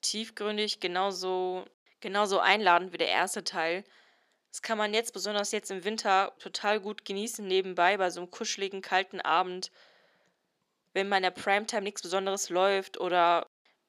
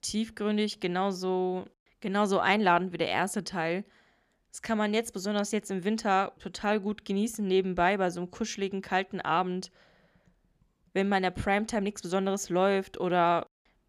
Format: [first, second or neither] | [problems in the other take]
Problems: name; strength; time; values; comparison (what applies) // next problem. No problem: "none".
second | thin; somewhat; fading below 400 Hz